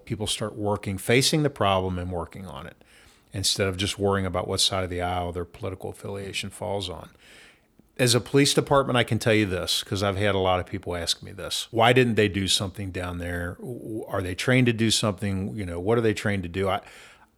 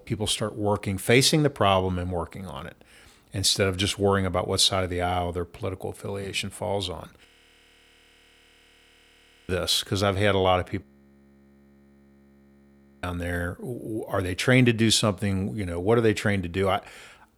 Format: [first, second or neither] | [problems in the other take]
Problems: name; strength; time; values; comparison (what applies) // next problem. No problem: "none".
first | audio freezing; at 7.5 s for 2 s and at 11 s for 2 s